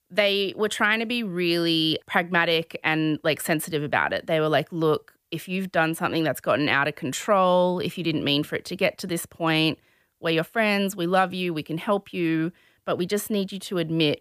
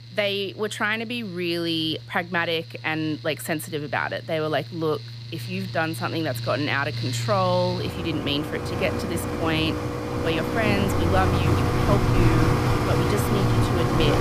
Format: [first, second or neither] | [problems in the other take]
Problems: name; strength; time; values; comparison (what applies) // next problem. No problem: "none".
first | machinery noise; very loud; throughout; 2 dB above the speech